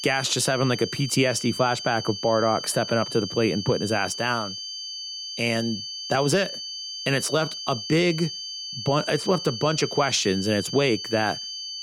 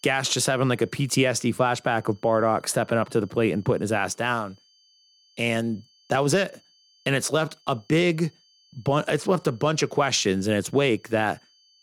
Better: second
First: high-pitched whine; loud; throughout; 4.5 kHz, 7 dB below the speech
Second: high-pitched whine; faint; throughout; 4.5 kHz, 35 dB below the speech

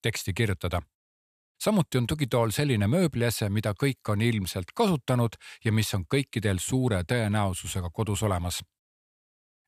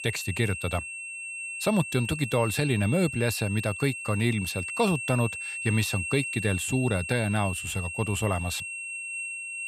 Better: first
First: none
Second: high-pitched whine; loud; throughout; 2.5 kHz, 5 dB below the speech

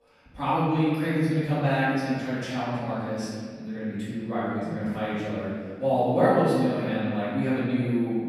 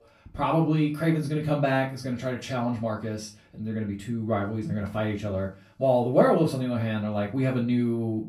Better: second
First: room echo; strong; dies away in 1.9 s // off-mic speech; far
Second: room echo; slight; dies away in 0.3 s // off-mic speech; far

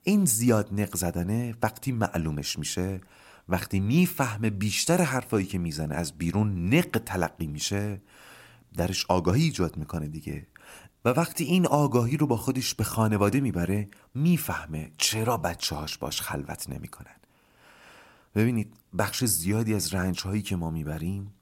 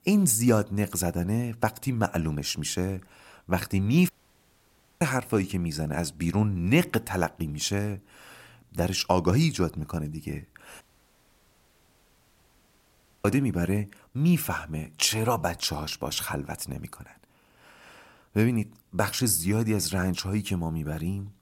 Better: first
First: none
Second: audio cutting out; at 4 s for 1 s and at 11 s for 2.5 s

